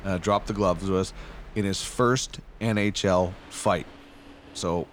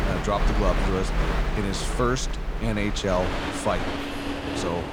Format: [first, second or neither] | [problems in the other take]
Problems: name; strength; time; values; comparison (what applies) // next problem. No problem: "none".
first | train or aircraft noise; loud; throughout; 1 dB below the speech; faint in the first